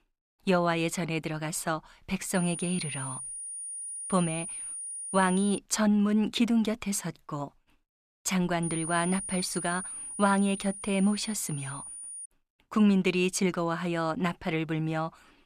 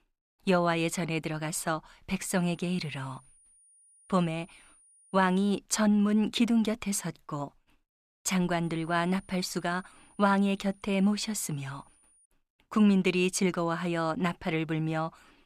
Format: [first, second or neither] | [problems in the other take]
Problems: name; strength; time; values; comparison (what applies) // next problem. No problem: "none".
second | high-pitched whine; loud; from 2.5 to 5.5 s and from 8.5 to 12 s; 9.5 kHz, 8 dB below the speech; faint in the second